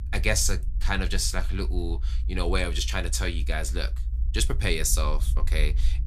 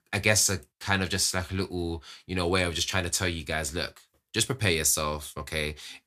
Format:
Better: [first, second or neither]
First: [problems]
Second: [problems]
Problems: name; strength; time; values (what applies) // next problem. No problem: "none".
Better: second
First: low rumble; faint; throughout; 20 dB below the speech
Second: none